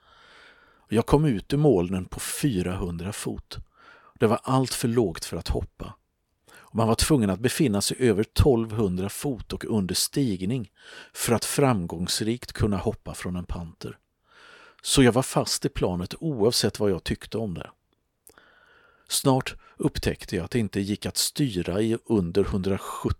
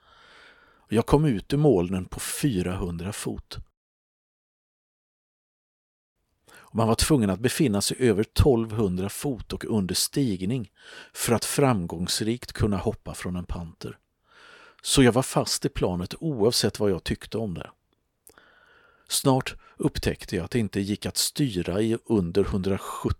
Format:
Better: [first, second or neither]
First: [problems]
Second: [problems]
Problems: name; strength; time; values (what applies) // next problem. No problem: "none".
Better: first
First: none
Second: audio cutting out; at 3.5 s for 2.5 s